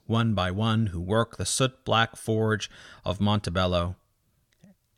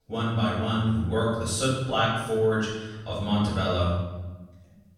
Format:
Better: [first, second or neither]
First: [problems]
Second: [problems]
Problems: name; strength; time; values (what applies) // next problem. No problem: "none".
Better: first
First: none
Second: room echo; strong; dies away in 1 s // off-mic speech; far